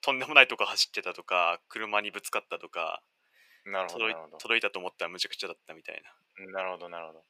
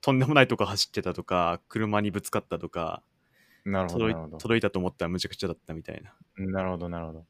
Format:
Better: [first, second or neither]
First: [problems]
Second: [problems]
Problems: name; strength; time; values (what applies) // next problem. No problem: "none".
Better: second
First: thin; very; fading below 650 Hz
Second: none